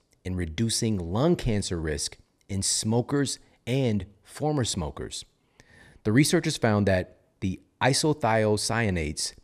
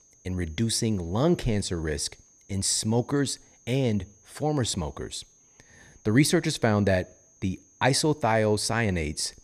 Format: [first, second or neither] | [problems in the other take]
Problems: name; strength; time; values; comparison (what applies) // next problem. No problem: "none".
first | high-pitched whine; faint; throughout; 6.5 kHz, 30 dB below the speech